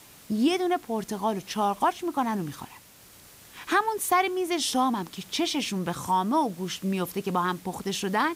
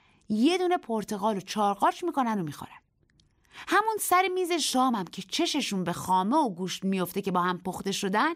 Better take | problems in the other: second | hiss; faint; throughout; 20 dB below the speech

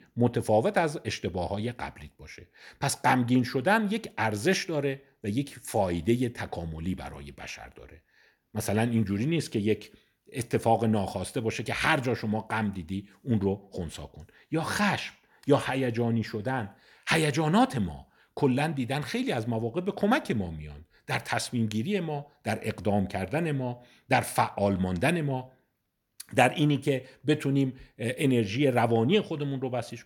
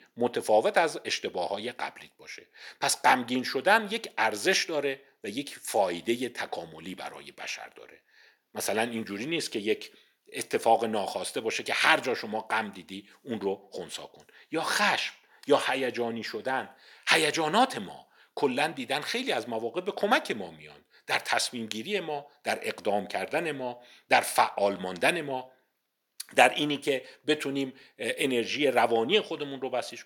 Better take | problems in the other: first | thin; somewhat; fading below 400 Hz

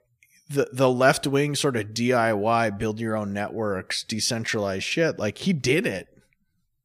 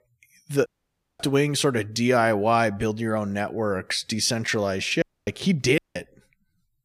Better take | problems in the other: first | audio cutting out; at 0.5 s for 0.5 s, at 5 s and at 6 s

